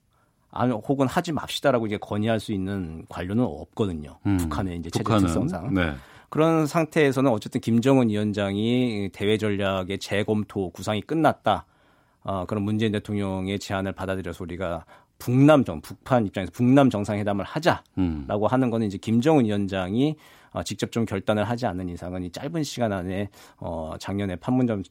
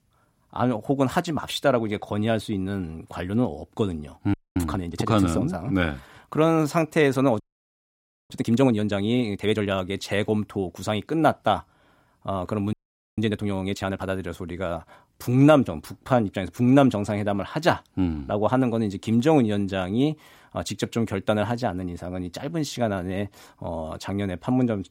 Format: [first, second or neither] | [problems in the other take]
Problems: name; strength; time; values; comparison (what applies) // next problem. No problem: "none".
first | audio freezing; at 4.5 s, at 7.5 s for 1 s and at 13 s